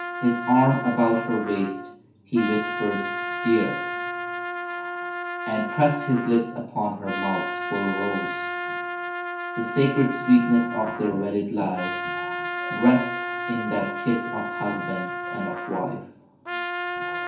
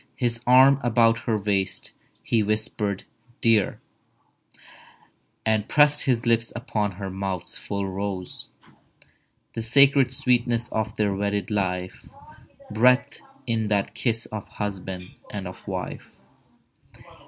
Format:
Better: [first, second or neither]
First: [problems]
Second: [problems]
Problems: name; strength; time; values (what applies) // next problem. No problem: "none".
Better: second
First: background sound (Trumpet); 5 dB below the speech // room echo; dies away in 0.6 s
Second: none